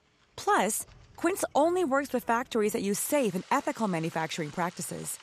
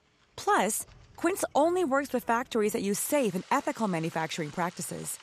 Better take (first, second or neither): neither